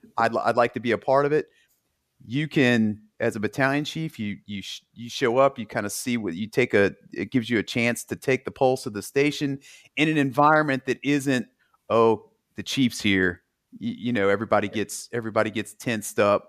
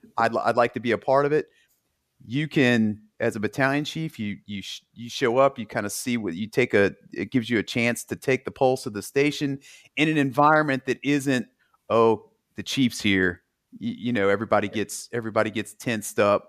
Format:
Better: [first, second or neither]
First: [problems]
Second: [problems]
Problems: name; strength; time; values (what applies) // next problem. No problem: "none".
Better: neither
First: none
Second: none